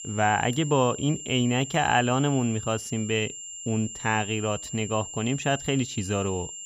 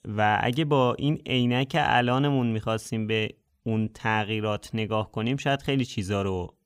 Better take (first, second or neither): second